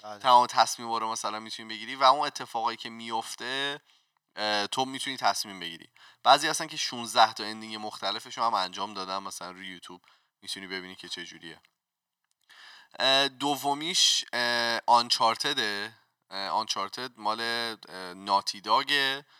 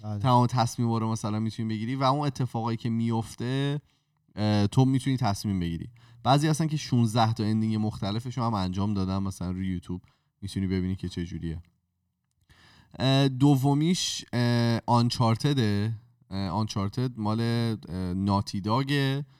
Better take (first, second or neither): second